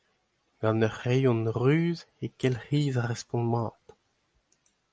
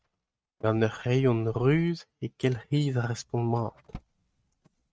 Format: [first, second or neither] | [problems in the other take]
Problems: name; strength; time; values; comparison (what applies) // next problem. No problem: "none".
first | noise reduction (neural mask model RNNoise)